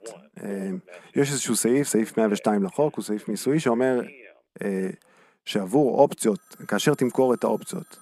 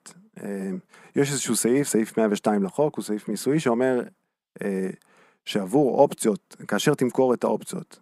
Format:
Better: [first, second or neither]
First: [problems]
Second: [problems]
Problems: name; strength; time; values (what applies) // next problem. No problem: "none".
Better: second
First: alarms or sirens; faint; throughout; 25 dB below the speech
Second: none